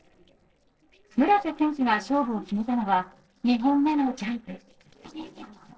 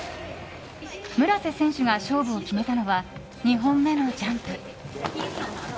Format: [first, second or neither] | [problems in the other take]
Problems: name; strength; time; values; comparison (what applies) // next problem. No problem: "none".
second | noise reduction (neural separator model SepFormer DNS4)